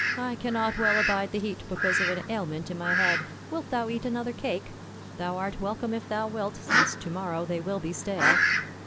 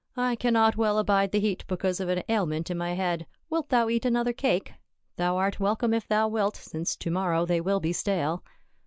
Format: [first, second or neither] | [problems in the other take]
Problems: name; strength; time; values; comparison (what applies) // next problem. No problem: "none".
second | background sound (Fowl); 1 dB above the speech